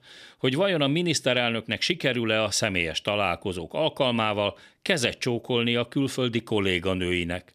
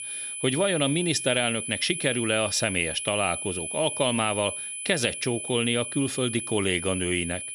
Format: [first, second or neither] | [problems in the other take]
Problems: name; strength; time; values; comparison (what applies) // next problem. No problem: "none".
first | high-pitched whine; loud; throughout; 10 kHz, 5 dB below the speech